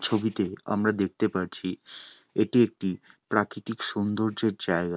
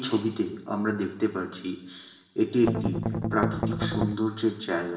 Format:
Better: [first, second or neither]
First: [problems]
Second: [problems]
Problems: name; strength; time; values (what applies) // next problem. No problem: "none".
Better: first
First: none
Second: background sound (Strum); 1 dB above the speech // room echo; dies away in 1.1 s